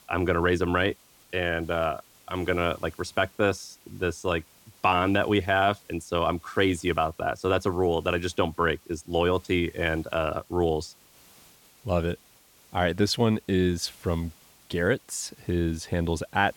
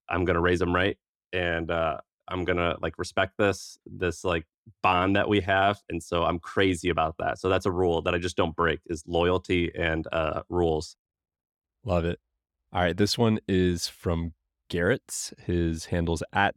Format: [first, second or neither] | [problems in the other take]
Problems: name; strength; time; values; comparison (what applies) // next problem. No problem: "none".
second | hiss; faint; throughout; 25 dB below the speech